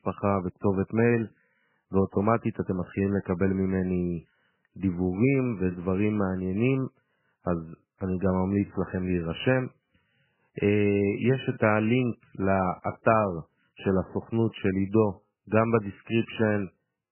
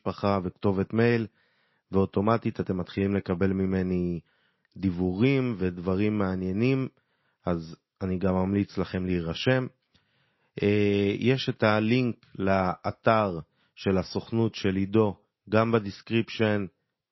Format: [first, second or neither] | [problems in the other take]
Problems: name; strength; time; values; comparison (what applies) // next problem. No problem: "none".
second | garbled, watery; badly; nothing above 3 kHz; slightly in the second